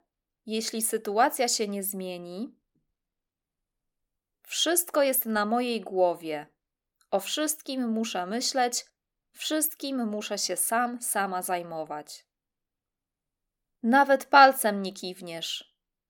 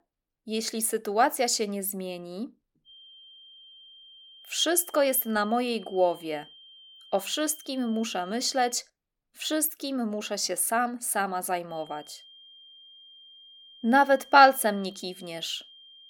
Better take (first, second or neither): first